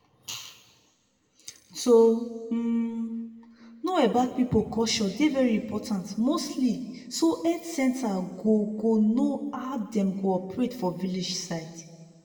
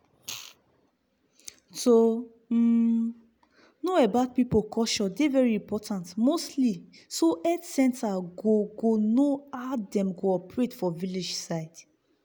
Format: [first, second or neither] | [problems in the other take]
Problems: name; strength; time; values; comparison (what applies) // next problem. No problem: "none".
second | room echo; dies away in 1.3 s